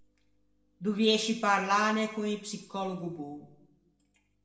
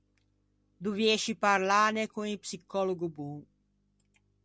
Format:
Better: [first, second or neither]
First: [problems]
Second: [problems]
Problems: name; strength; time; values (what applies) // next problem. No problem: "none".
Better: second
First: room echo; dies away in 0.7 s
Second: none